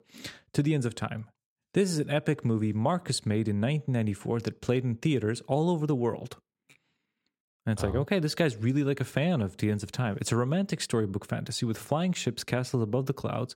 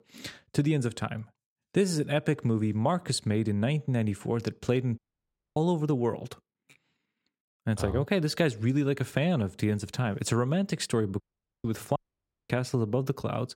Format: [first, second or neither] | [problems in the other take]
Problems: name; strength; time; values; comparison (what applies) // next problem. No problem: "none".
first | audio cutting out; at 5 s for 0.5 s, at 11 s and at 12 s for 0.5 s